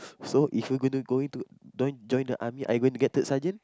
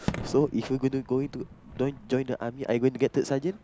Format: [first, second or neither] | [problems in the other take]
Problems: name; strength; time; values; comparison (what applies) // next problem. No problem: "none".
first | background sound (Fireworks); 13 dB below the speech